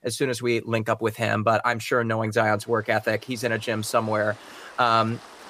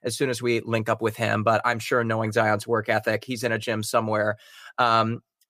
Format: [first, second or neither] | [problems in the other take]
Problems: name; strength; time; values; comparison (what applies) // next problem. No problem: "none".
second | rain or running water; faint; throughout; 20 dB below the speech